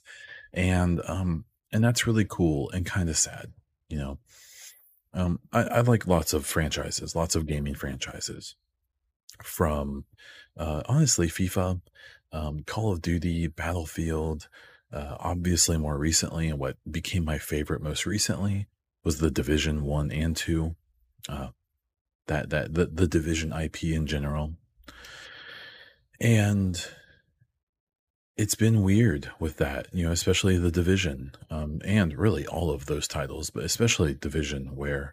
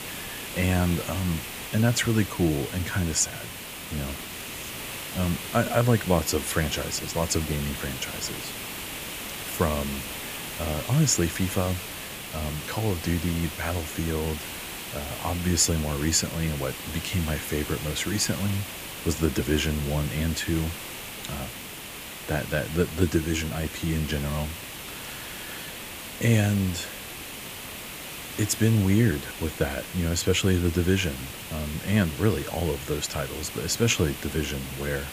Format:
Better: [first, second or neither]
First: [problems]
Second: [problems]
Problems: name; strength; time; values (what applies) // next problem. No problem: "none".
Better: first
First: none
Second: hiss; loud; throughout; 8 dB below the speech